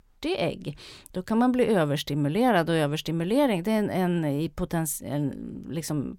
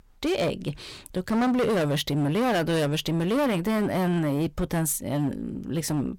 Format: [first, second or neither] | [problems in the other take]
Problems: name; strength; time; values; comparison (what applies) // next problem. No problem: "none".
first | distortion; heavy; 18% of the sound clipped